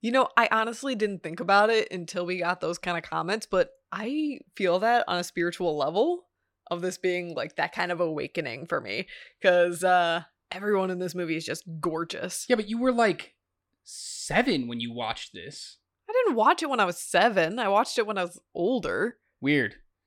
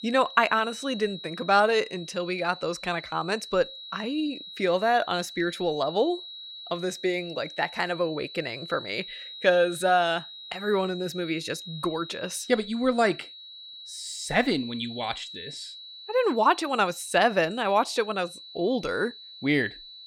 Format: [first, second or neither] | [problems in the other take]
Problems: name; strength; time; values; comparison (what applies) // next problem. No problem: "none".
first | high-pitched whine; noticeable; throughout; 4 kHz, 15 dB below the speech